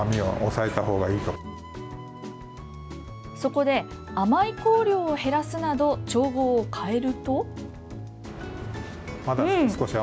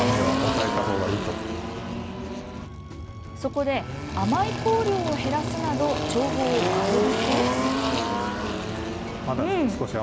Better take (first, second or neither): first